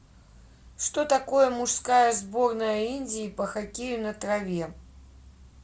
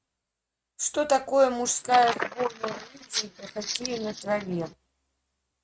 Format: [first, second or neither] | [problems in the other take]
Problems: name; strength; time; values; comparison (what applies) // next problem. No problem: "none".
first | noise reduction (neural mask model RNNoise)